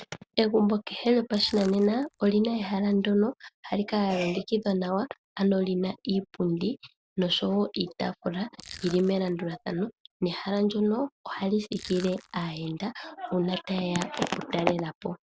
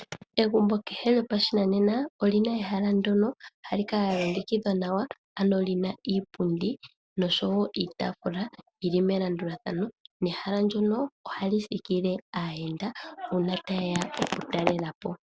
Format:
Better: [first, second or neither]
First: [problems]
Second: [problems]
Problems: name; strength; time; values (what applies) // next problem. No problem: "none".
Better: second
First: background sound (Crushing); 19 dB below the speech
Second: none